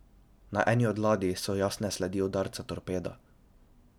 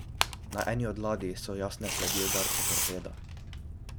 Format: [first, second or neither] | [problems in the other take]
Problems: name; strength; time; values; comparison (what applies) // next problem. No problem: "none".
first | background sound (Tearing); 2 dB above the speech